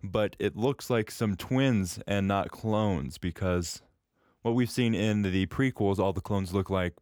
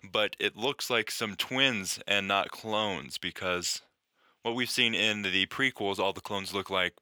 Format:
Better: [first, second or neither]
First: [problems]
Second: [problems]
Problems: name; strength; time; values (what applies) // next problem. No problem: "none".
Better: first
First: none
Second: thin; somewhat; fading below 900 Hz